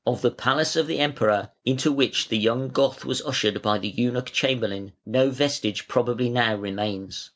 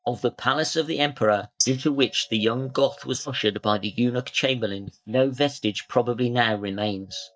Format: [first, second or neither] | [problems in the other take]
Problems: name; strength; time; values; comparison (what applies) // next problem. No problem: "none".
first | noise reduction (neural mask model DeepFilterNet 3)